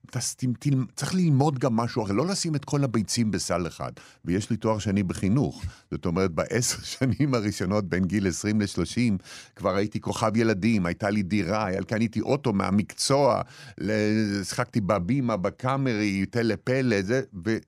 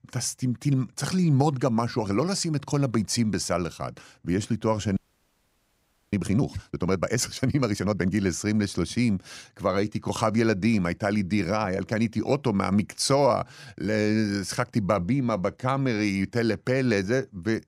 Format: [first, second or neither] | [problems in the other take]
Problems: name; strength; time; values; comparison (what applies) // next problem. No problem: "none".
first | audio freezing; at 5 s for 1 s